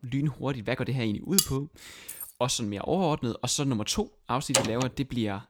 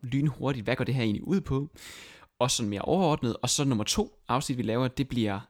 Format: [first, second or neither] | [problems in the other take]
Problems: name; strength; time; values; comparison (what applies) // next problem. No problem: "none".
second | clattering dishes; loud; at 1.5 s; peak 4 dB above the speech // jangling keys; faint; at 2 s; peak 10 dB below the speech // door banging; loud; at 4.5 s; peak 3 dB above the speech